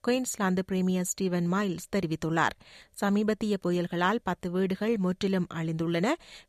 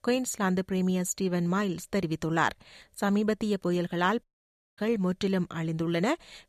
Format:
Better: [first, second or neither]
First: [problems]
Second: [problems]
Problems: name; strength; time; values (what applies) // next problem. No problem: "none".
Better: first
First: none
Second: audio cutting out; at 4 s for 0.5 s